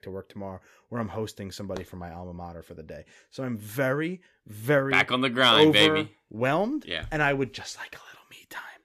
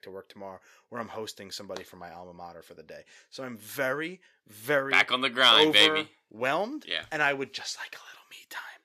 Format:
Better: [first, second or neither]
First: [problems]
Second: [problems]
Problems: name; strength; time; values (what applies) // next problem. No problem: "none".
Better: first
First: none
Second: thin; somewhat; fading below 650 Hz